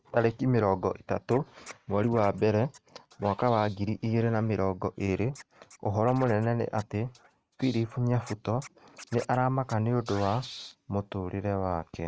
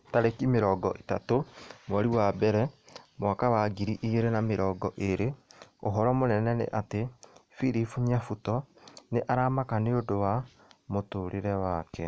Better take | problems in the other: second | noise reduction (neural mask model RNNoise)

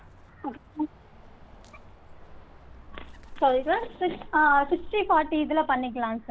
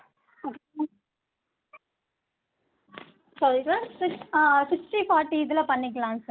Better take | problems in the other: second | background sound (Bird); 16 dB below the speech

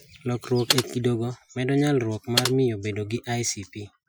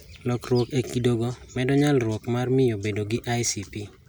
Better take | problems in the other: second | noise reduction (classical method Wiener filter)

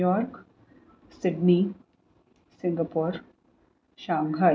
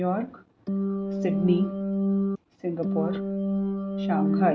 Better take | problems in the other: first | background sound (Organ); 3 dB above the speech

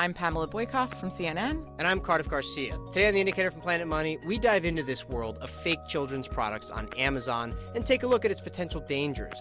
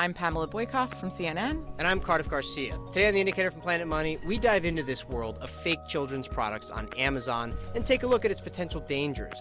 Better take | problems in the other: first | background sound (Bird); 11 dB below the speech

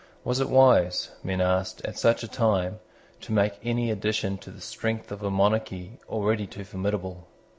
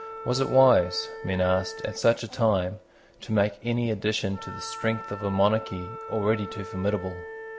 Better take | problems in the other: first | background sound (Wind instrument, woodwind instrument); 14 dB below the speech

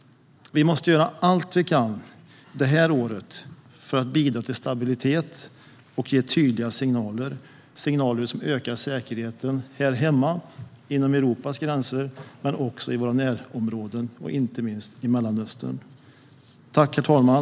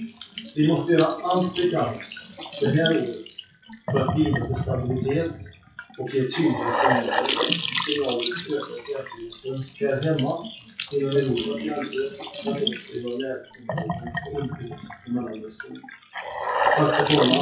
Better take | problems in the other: first | noise reduction (classical method WPE with log-MMSE)

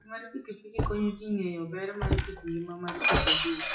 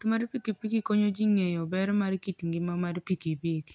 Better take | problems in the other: second | noise reduction (classical method WPE with log-MMSE)

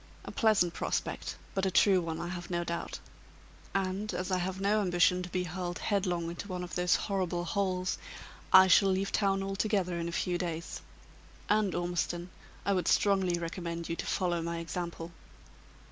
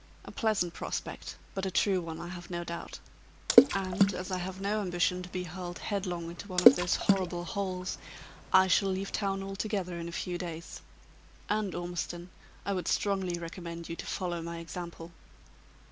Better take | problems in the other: first | background sound (Water / Splash, splatter); 3 dB above the speech

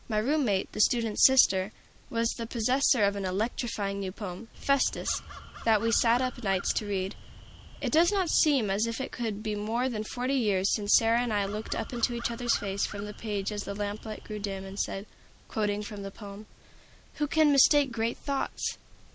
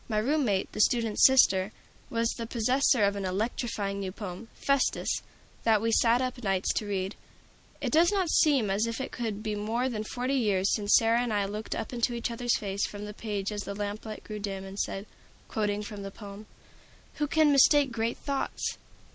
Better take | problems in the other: second | background sound (Crow); 15 dB below the speech

